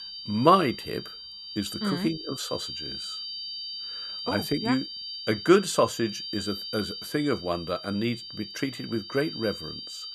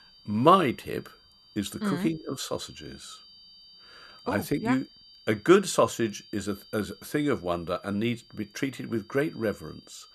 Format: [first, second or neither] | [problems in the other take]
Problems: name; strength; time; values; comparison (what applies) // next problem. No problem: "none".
second | high-pitched whine; loud; throughout; 4.5 kHz, 8 dB below the speech; faint in the second